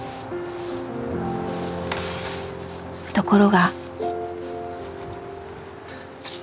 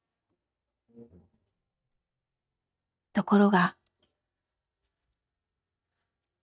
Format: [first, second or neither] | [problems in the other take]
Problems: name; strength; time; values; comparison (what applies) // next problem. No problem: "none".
first | noise reduction (neural mask model DeepFilterNet 3)